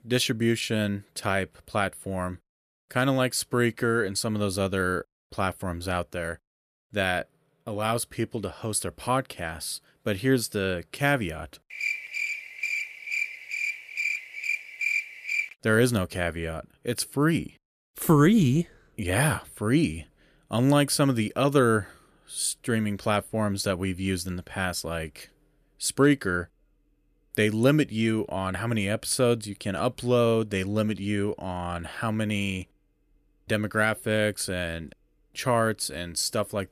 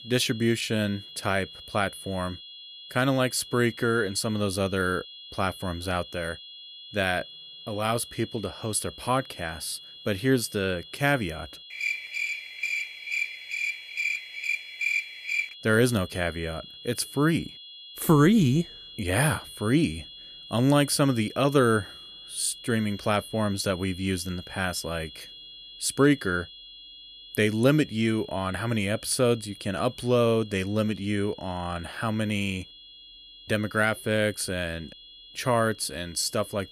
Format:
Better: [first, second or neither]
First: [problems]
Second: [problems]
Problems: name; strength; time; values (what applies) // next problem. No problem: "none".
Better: first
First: none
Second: high-pitched whine; noticeable; throughout; 3.5 kHz, 15 dB below the speech